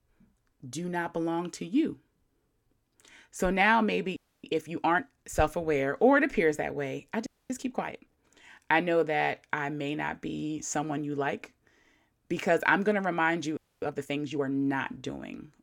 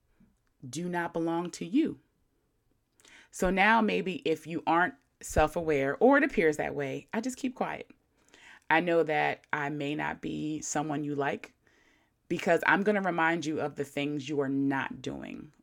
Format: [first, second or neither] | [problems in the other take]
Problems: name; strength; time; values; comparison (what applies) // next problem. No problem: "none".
second | audio freezing; at 4 s, at 7.5 s and at 14 s